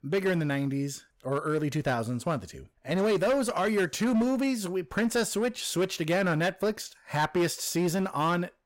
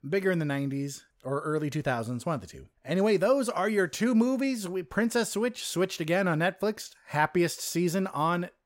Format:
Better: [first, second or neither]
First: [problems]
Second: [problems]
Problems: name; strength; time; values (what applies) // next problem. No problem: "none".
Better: second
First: distortion; slight; 10% of the sound clipped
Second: none